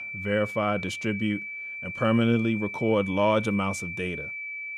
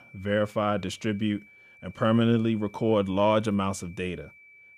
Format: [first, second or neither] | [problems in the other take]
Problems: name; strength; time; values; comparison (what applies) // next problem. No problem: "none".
second | high-pitched whine; loud; throughout; 2.5 kHz, 7 dB below the speech; faint in the second